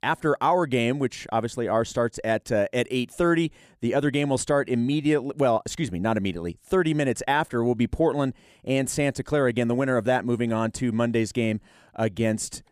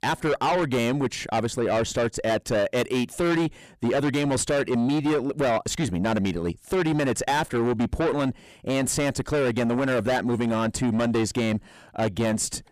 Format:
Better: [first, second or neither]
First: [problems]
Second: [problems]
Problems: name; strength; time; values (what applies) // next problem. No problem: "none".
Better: first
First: none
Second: distortion; heavy; 7 dB below the speech